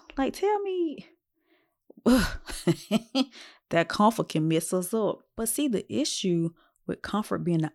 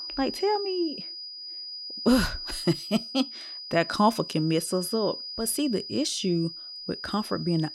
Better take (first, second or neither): first